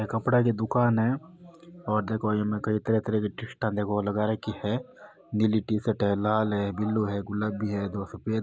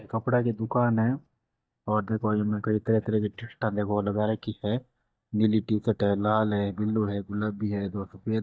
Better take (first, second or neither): first